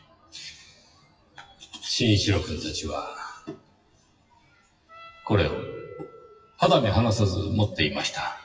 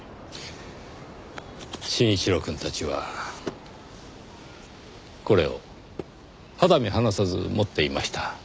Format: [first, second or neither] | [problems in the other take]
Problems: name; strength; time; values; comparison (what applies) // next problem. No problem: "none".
second | noise reduction (classical method WPE with log-MMSE)